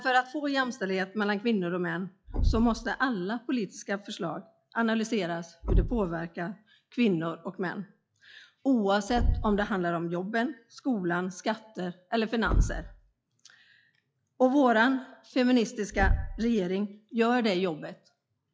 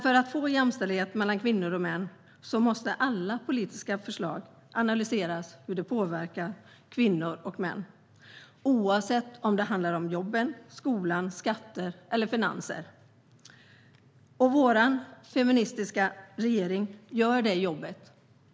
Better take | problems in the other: second | noise reduction (classical method log-MMSE)

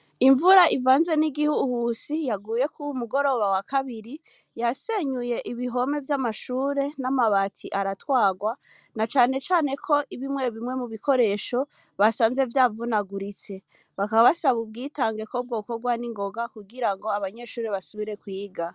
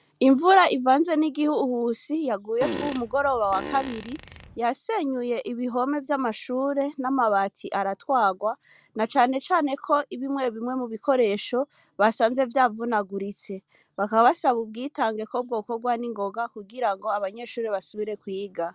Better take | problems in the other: first | background sound (Fart); 10 dB below the speech

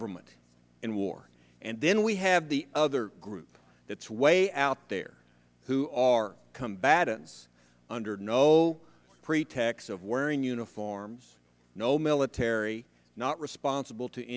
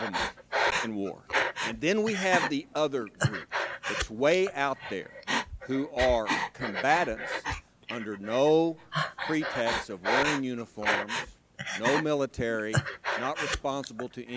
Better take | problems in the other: first | background sound (Breathing); 2 dB below the speech

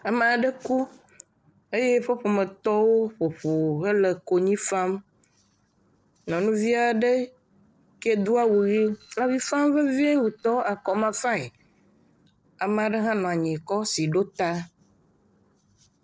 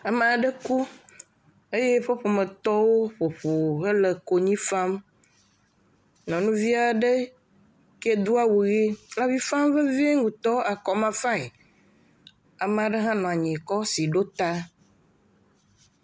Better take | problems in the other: second | noise reduction (neural separator model SepFormer DNS4)

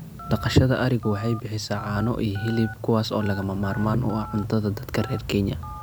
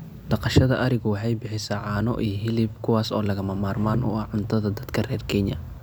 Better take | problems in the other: second | background sound (Telephone); 17 dB below the speech

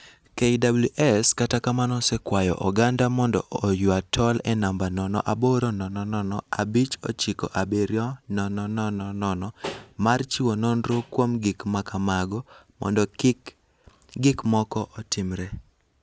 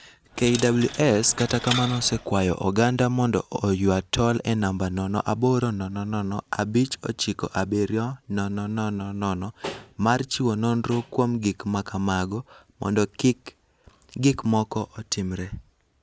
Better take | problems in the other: first | background sound (Coin (dropping)); 9 dB below the speech

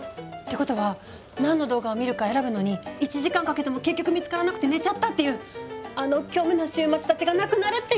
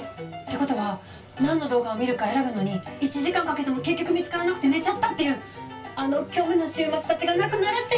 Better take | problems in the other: first | room echo; dies away in 0.2 s

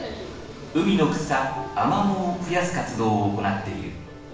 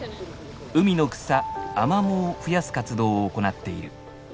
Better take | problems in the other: second | room echo; dies away in 0.7 s

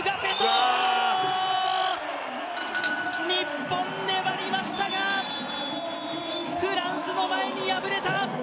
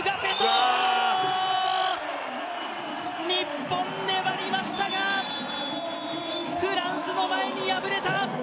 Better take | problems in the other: second | background sound (Bell / Doorbell); 14 dB below the speech

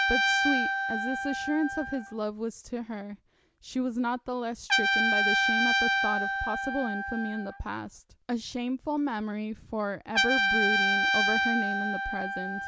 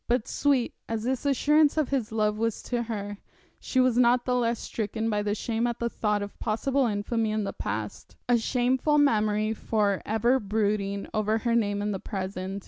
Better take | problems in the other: second | background sound (Trumpet); 3 dB above the speech

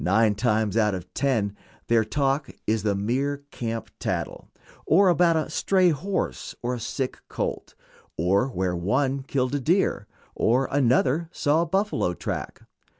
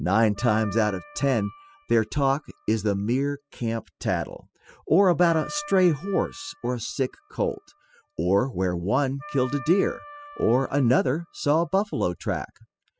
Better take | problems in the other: first | noise reduction (classical method spectral subtraction)

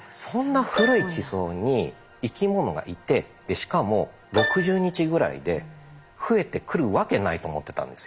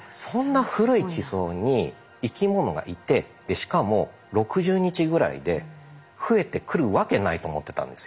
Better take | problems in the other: second | background sound (Keyboard (musical)); 9 dB below the speech

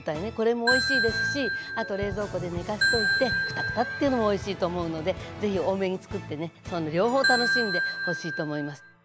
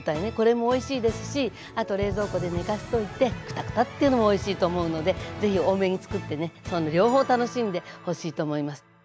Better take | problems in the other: second | background sound (Ringtone / Bell); as loud as the speech

